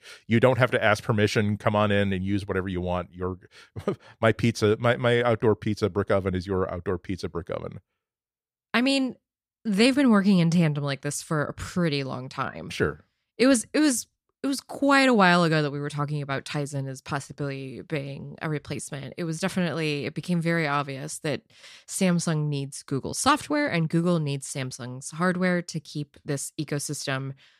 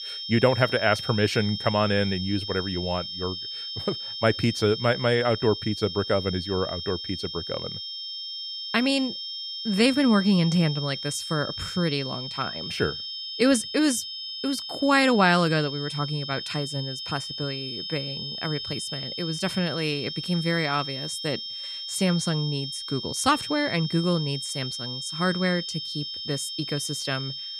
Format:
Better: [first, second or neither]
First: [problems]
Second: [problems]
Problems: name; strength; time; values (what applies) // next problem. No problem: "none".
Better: first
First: none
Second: high-pitched whine; loud; throughout; 5.5 kHz, 6 dB below the speech